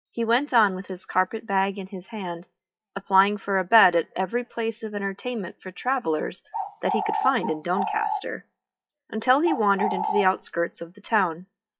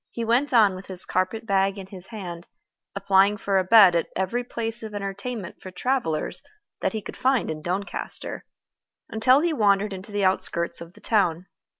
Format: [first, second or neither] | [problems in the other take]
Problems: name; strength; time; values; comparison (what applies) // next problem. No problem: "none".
second | noise reduction (classical method WPE with log-MMSE)